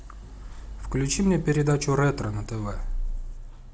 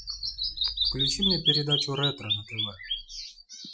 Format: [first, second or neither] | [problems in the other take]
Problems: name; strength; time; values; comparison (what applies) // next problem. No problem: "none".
first | noise reduction (classical method Wiener filter)